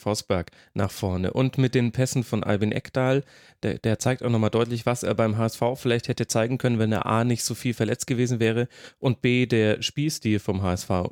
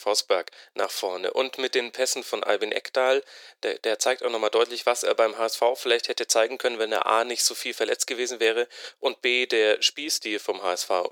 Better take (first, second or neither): first